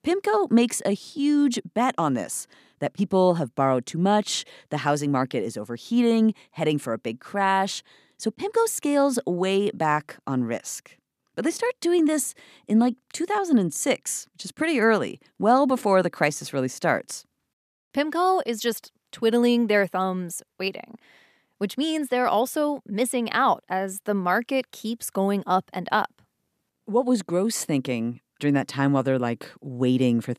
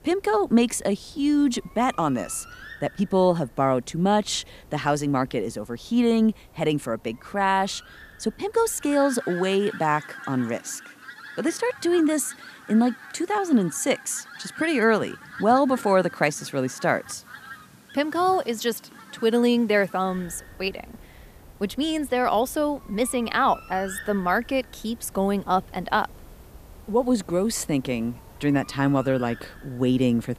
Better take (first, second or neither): first